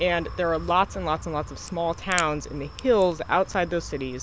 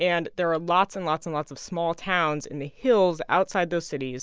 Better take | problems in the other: second | background sound (Wind + Crack); 13 dB below the speech

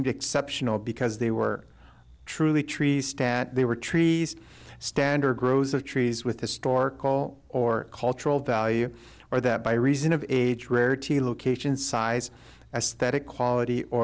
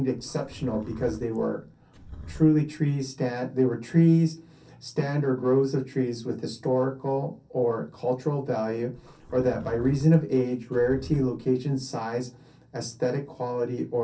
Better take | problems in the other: first | background sound (Livestock, farm animals, working animals); 18 dB below the speech // room echo; dies away in 0.3 s

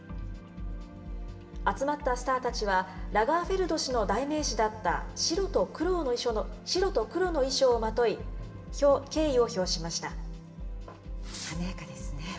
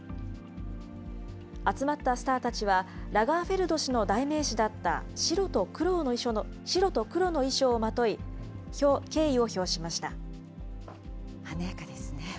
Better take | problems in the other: second | background sound (Fireworks); 17 dB below the speech // room echo; dies away in 0.7 s

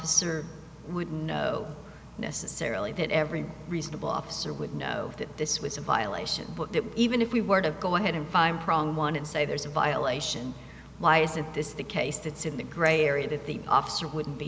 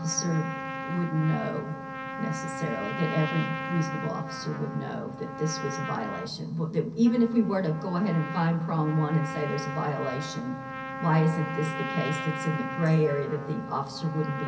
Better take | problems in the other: first | background sound (Trumpet); 8 dB below the speech // room echo; dies away in 0.3 s

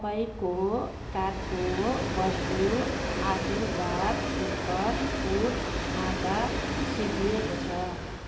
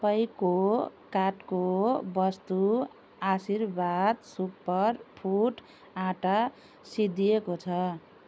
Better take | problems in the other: second | background sound (Train); as loud as the speech // room echo; dies away in 1.6 s

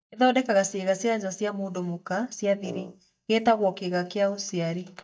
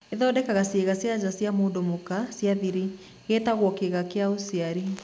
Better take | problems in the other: second | noise reduction (neural mask model DeepFilterNet 3)

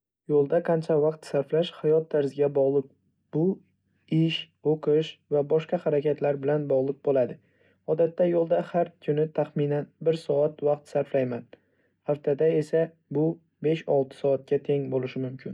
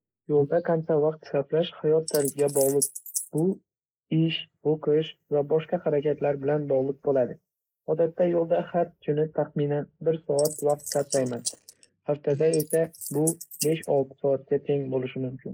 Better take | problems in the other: first | noise reduction (neural mask model Resemble Enhance denoiser)

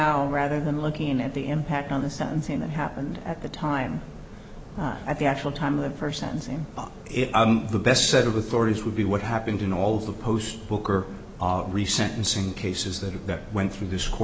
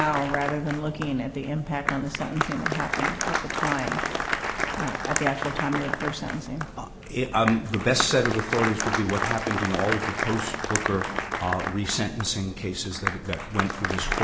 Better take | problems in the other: first | background sound (Applause); 2 dB below the speech

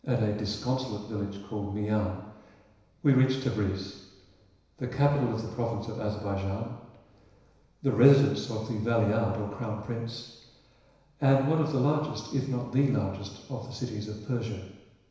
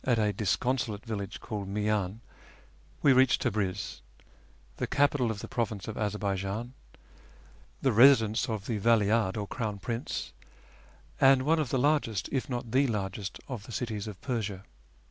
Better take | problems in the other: second | room echo; dies away in 1 s

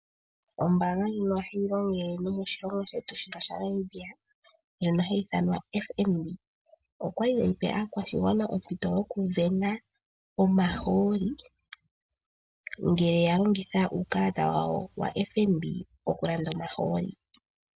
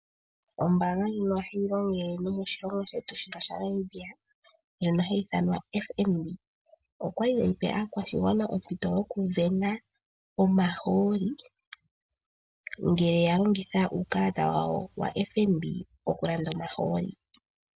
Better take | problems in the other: second | background sound (Thump, thud); 15 dB below the speech

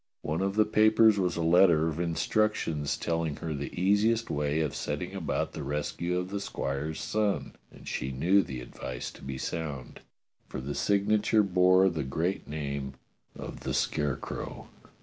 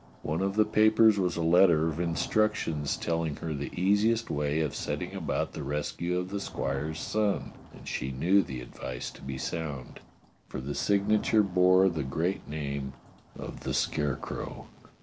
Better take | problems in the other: first | background sound (Thunder / Rain); 19 dB below the speech

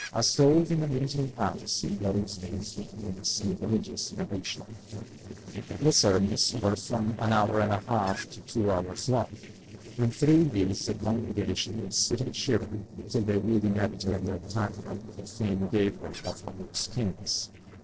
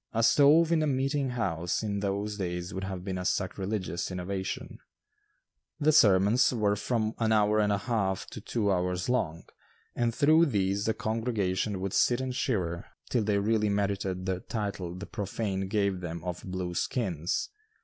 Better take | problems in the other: second | noise reduction (neural separator model SepFormer DNS4)

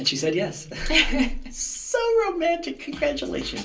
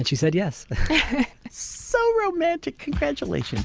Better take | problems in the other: second | room echo; dies away in 0.3 s

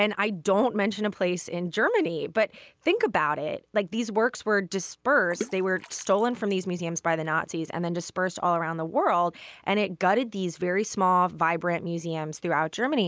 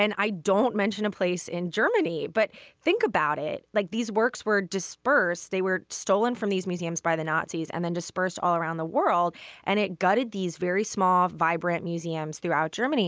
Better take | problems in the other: second | noise reduction (neural mask model Resemble Enhance denoiser)

